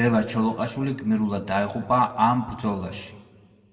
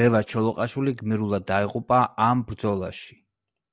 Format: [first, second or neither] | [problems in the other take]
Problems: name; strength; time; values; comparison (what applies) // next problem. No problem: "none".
second | room echo; dies away in 1.3 s